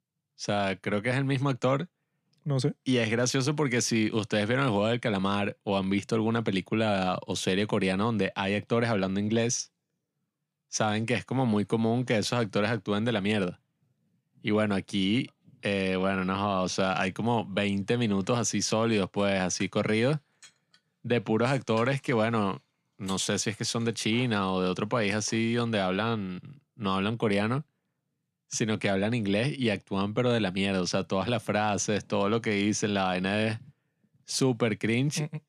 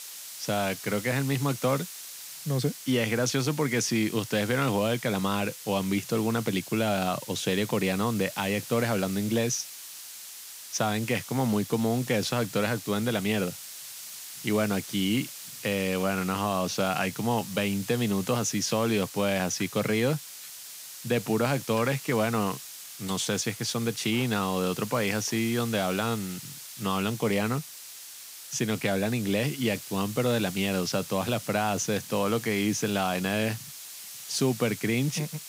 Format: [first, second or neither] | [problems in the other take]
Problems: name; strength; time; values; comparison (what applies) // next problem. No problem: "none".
first | hiss; noticeable; throughout; 10 dB below the speech